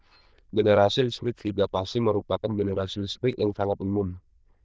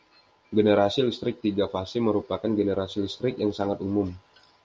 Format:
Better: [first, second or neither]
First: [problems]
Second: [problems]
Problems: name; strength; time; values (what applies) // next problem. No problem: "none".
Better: second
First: noise reduction (neural diffusion model UNIVERSE++)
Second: none